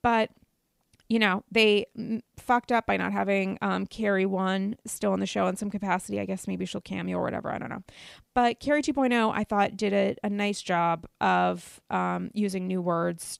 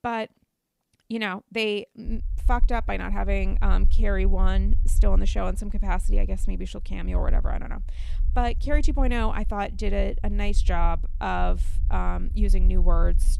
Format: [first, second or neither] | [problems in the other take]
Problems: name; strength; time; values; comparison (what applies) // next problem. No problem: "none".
first | low rumble; faint; from 2 s on; 20 dB below the speech